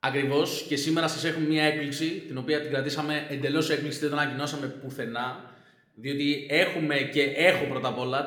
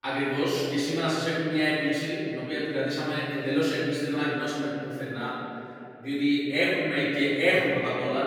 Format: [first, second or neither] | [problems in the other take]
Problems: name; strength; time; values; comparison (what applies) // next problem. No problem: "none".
first | room echo; strong; dies away in 2.6 s; slight in the first // off-mic speech; far